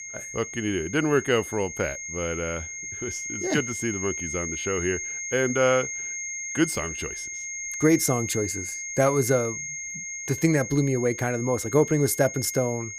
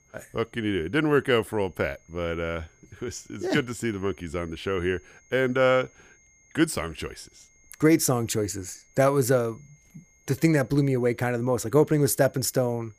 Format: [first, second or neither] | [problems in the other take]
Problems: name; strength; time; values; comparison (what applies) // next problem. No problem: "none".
second | high-pitched whine; loud; throughout; 2 kHz, 6 dB below the speech; faint in the second